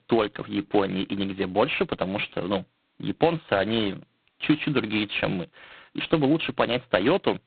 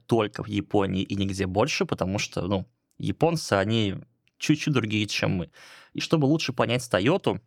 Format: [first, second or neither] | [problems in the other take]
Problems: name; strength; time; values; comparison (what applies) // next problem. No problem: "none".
second | phone-call audio; poor line; nothing above 4 kHz